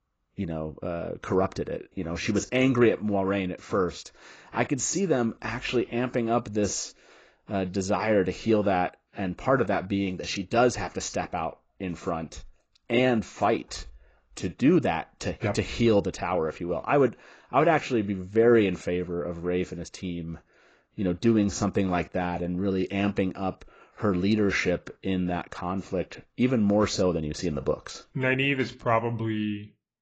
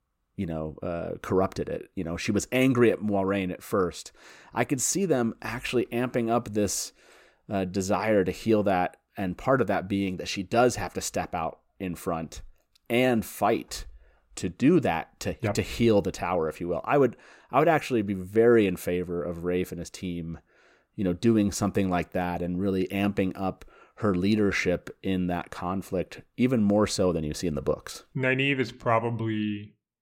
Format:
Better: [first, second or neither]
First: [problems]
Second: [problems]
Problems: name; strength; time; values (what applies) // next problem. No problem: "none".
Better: second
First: garbled, watery; badly; nothing above 7.5 kHz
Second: none